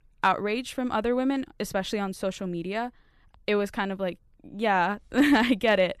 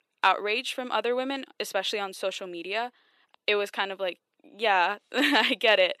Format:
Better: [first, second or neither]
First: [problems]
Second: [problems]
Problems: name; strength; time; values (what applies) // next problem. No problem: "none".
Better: first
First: none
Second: thin; somewhat; fading below 350 Hz